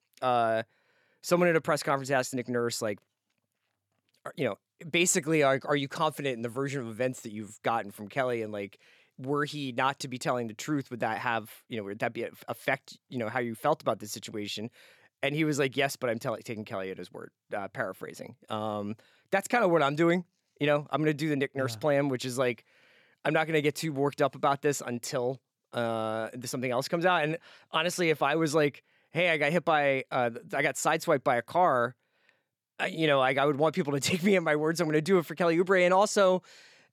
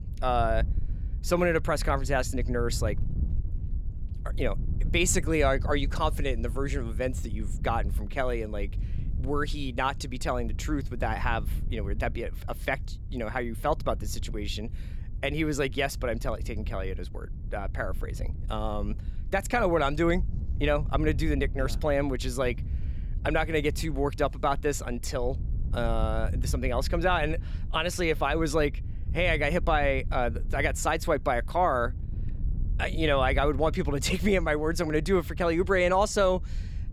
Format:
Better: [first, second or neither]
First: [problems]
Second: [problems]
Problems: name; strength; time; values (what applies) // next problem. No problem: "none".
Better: first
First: none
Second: wind noise on the microphone; occasional gusts; 20 dB below the speech